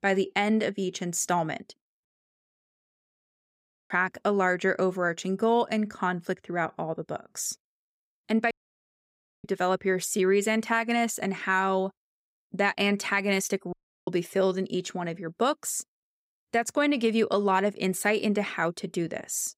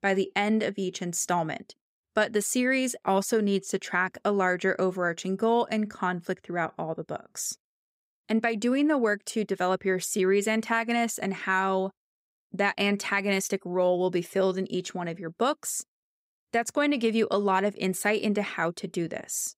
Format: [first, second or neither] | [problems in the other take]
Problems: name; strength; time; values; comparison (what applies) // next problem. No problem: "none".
second | audio cutting out; at 2 s for 2 s, at 8.5 s for 1 s and at 14 s